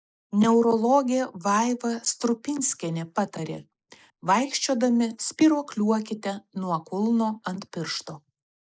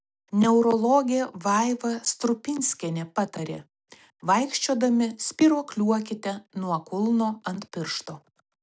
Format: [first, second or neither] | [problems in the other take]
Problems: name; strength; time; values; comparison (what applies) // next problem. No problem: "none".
second | noise reduction (neural mask model Resemble Enhance denoiser)